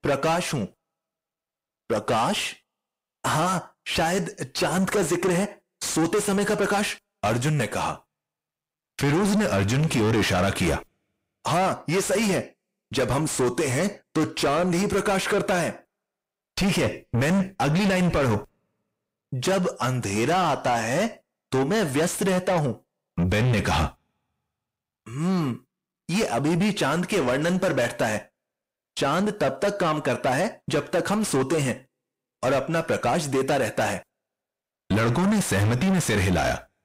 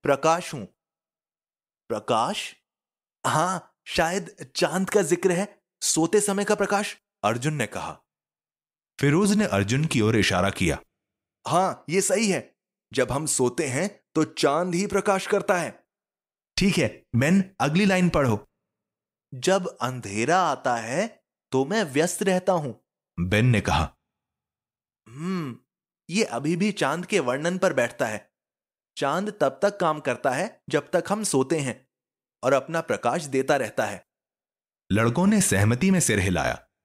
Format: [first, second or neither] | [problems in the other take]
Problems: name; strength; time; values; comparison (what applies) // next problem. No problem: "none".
second | distortion; heavy; 6 dB below the speech